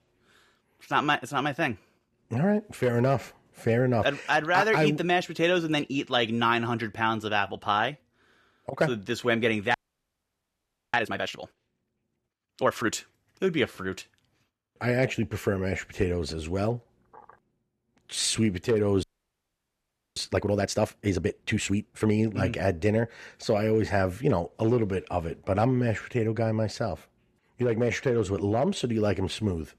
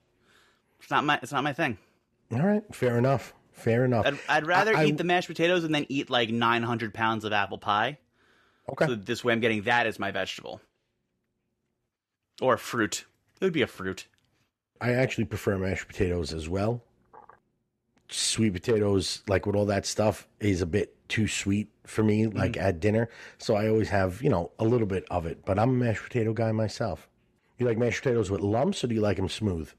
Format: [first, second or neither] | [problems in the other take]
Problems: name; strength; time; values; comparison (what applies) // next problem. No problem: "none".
second | audio freezing; at 9.5 s for 1 s and at 19 s for 1 s